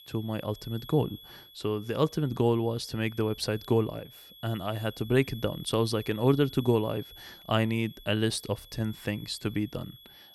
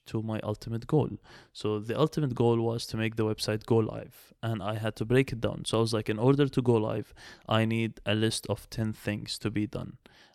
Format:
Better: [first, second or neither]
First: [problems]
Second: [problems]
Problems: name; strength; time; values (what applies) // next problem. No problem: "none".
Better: second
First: high-pitched whine; noticeable; throughout; 3.5 kHz, 20 dB below the speech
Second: none